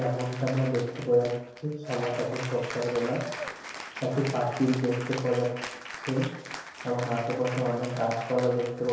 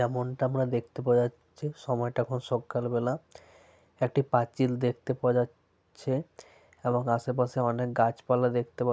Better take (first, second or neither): second